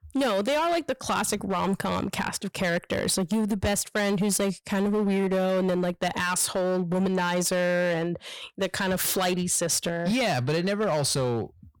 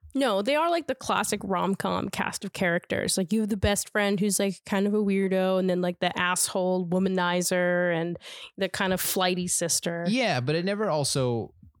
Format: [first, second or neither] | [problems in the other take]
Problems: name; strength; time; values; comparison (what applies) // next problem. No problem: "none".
second | distortion; slight; 15% of the sound clipped